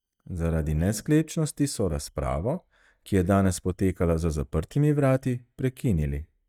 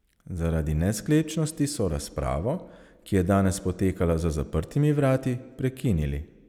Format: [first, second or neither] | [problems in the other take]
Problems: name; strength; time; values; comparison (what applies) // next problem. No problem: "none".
second | noise reduction (neural mask model DeepFilterNet 3)